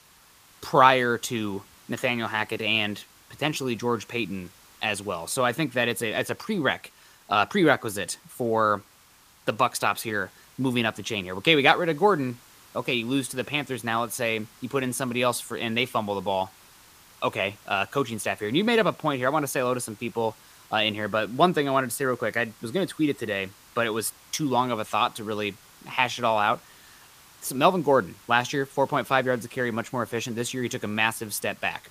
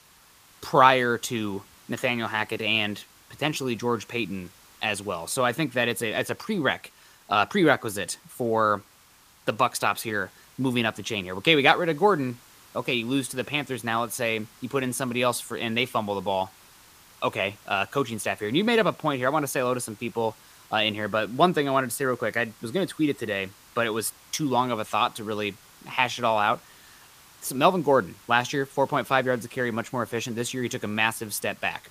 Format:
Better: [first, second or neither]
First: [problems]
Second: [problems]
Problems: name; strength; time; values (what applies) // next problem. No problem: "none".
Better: neither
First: hiss; faint; throughout; 25 dB below the speech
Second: hiss; faint; throughout; 25 dB below the speech